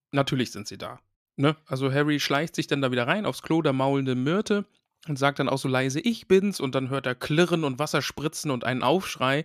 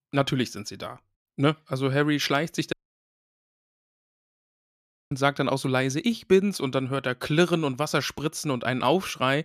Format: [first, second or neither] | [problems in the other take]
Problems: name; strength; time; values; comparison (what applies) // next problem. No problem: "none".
first | audio cutting out; at 2.5 s for 2.5 s